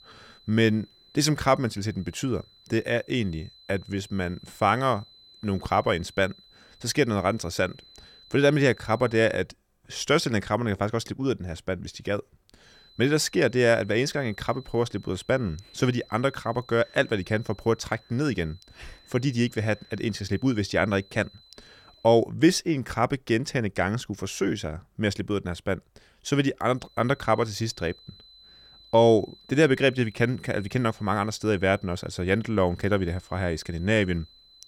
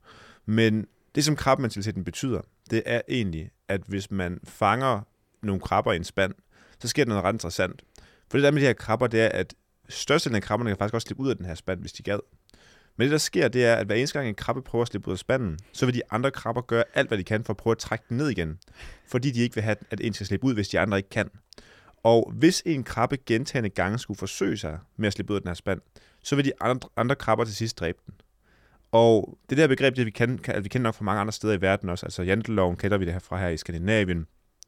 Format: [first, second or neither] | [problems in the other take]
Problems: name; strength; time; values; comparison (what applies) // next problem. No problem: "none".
second | high-pitched whine; faint; until 9.5 s, from 13 to 22 s and from 27 s on; 4 kHz, 25 dB below the speech